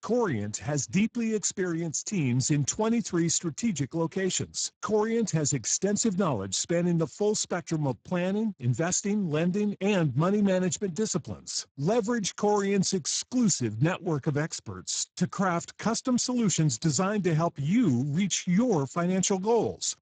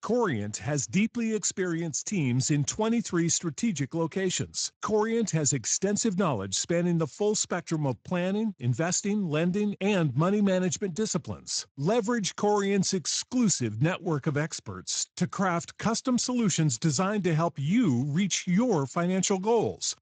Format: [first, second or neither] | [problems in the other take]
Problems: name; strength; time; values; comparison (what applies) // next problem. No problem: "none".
second | garbled, watery; badly; nothing above 7.5 kHz; slightly in the second